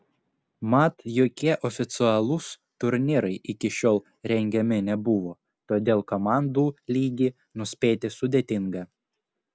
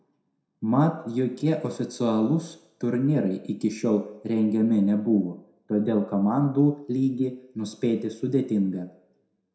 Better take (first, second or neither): first